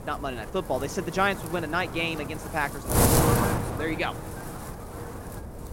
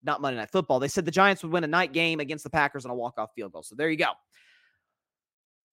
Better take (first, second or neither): second